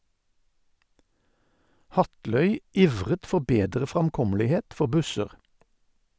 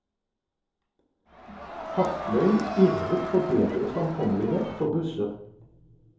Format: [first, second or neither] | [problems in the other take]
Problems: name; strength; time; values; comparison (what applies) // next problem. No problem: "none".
first | background sound (Crowd); 7 dB below the speech // room echo; dies away in 2.5 s